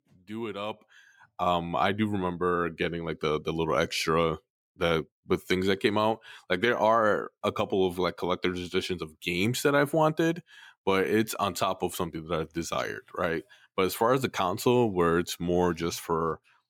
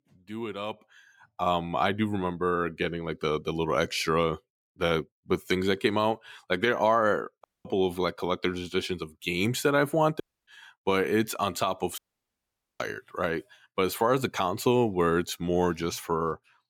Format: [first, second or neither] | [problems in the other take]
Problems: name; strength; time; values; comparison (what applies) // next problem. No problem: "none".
first | audio cutting out; at 7.5 s, at 10 s and at 12 s for 1 s